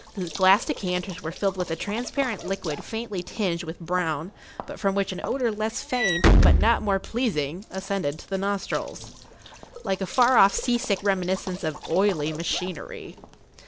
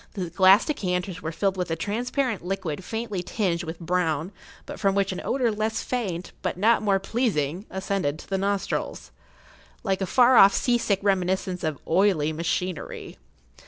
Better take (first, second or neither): second